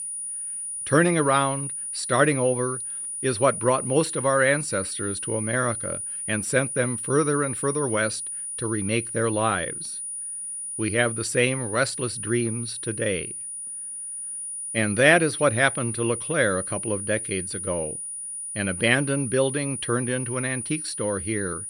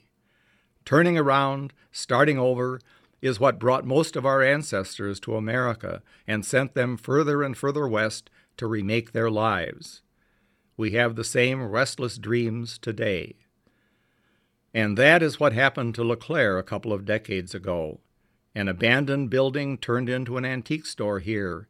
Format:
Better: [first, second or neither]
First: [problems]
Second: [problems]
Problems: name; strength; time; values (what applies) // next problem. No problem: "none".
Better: second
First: high-pitched whine; loud; throughout; 9.5 kHz, 5 dB below the speech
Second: none